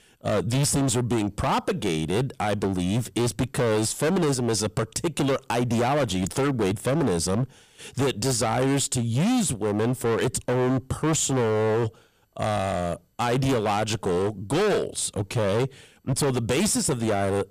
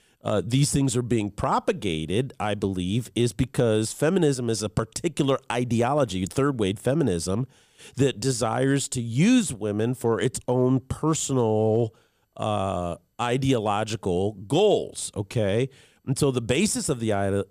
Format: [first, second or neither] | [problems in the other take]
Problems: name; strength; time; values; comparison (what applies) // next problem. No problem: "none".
second | distortion; heavy; 23% of the sound clipped